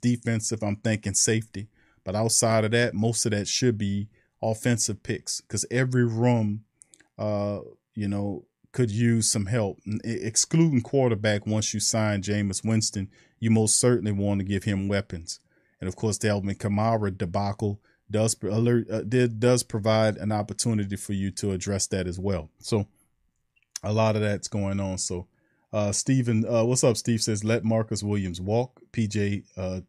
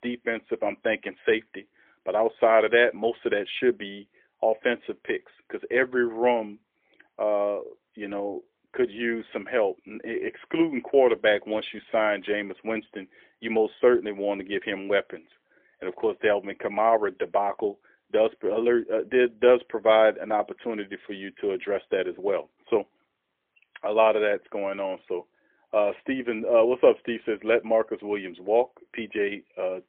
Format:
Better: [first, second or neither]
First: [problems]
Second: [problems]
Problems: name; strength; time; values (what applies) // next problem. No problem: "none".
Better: first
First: none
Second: phone-call audio; poor line; nothing above 3.5 kHz